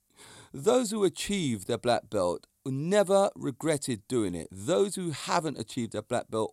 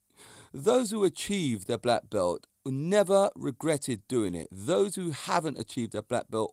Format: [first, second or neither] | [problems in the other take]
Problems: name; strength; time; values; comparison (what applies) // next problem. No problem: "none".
first | garbled, watery; slightly; nothing above 16 kHz